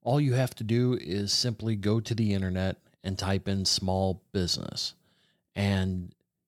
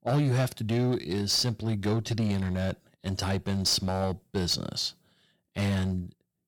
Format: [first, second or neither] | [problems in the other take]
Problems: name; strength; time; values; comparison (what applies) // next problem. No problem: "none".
first | distortion; slight; 7% of the sound clipped